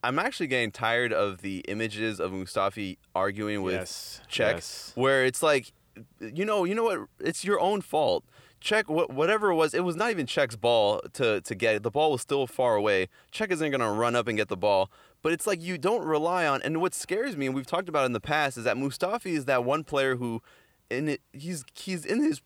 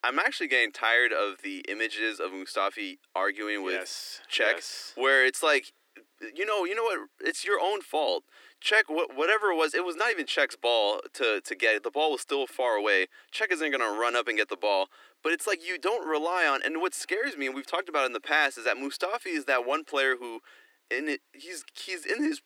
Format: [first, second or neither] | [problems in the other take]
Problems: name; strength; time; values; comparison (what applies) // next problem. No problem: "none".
first | thin; somewhat; fading below 300 Hz